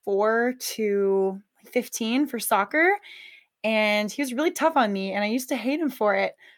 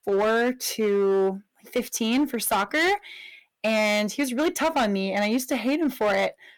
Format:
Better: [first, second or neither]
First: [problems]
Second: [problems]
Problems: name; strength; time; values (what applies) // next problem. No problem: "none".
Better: first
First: none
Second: distortion; slight; 12% of the sound clipped